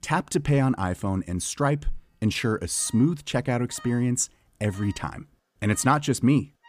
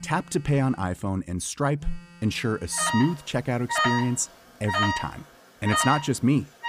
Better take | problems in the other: first | alarms or sirens; loud; throughout; 1 dB below the speech; faint in the first

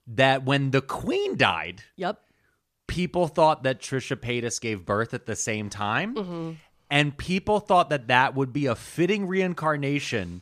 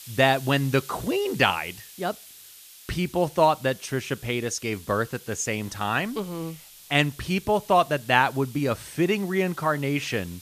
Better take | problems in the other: first | hiss; noticeable; throughout; 20 dB below the speech

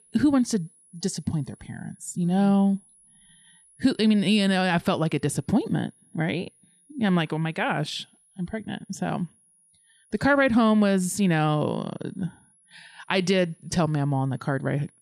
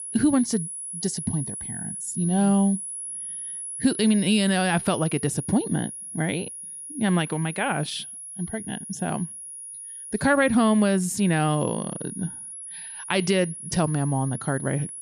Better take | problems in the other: first | high-pitched whine; loud; throughout; 10.5 kHz, 9 dB below the speech; faint in the first

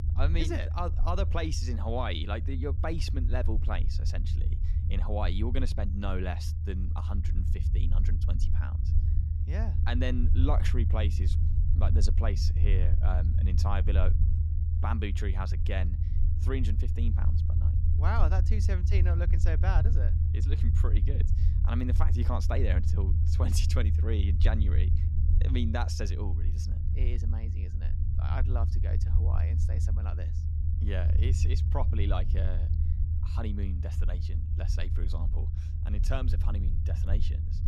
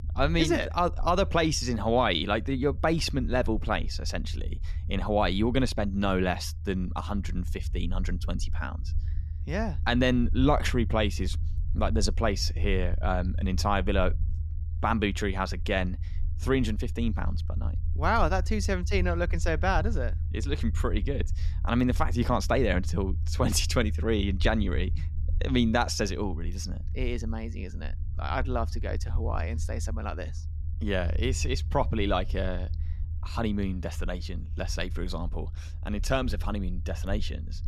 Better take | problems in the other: second | low rumble; loud; throughout; 7 dB below the speech; faint in the second

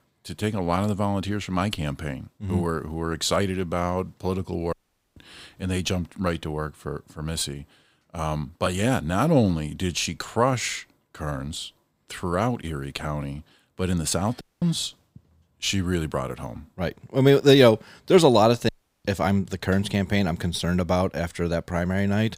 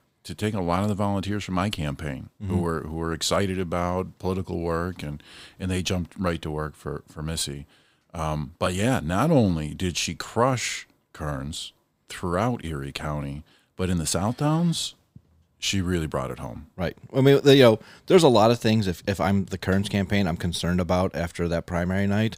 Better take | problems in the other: second | audio cutting out; at 4.5 s, at 14 s and at 19 s

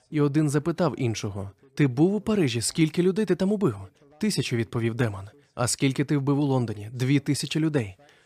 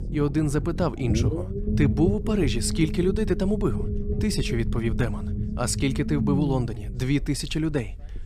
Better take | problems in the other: first | low rumble; loud; throughout; 7 dB below the speech

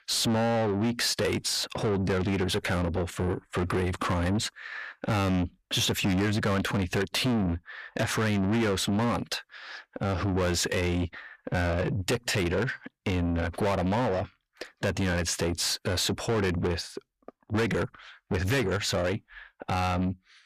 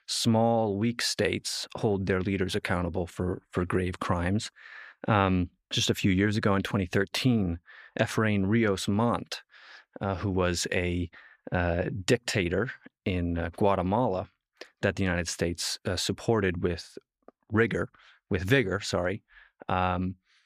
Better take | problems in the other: second | distortion; heavy; 6 dB below the speech

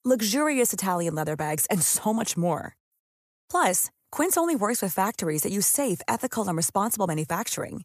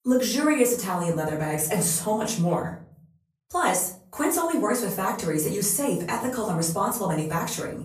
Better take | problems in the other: first | room echo; slight; dies away in 0.5 s // off-mic speech; far

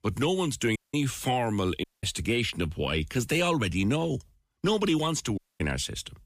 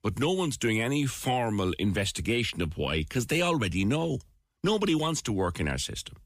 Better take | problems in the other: second | audio cutting out; at 1 s, at 2 s and at 5.5 s

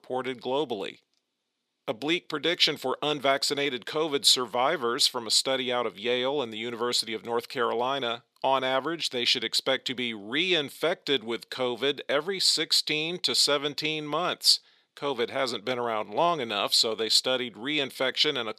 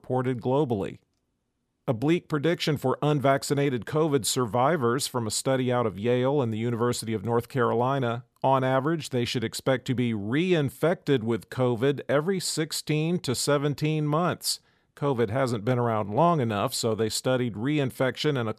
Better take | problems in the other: second | thin; somewhat; fading below 350 Hz

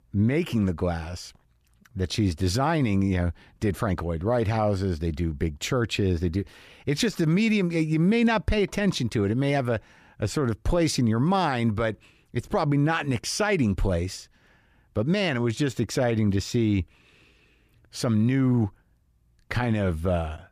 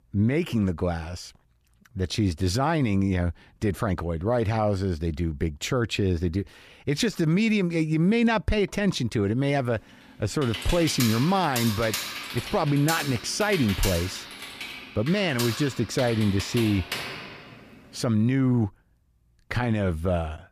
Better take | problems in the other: first | keyboard typing; noticeable; from 10 to 18 s; peak 3 dB below the speech

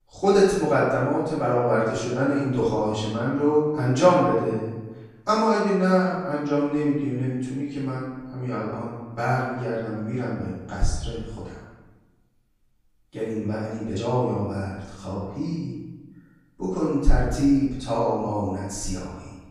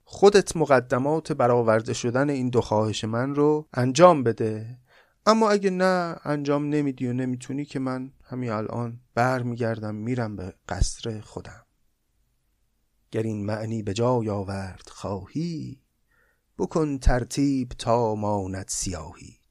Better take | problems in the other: second | off-mic speech; far // room echo; noticeable; dies away in 1 s

